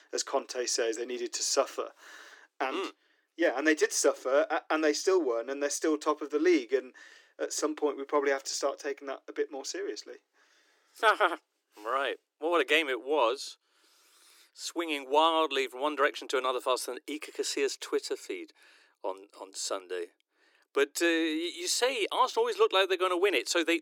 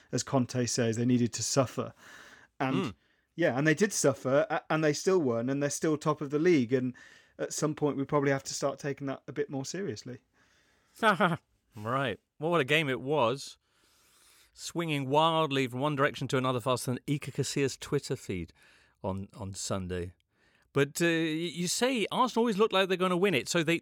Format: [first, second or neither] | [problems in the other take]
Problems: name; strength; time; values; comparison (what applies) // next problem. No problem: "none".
second | thin; very; fading below 300 Hz